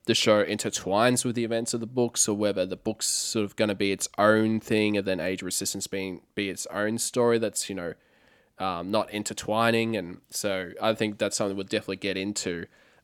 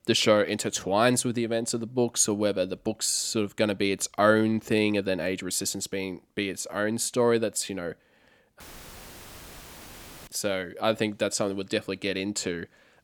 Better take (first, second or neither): first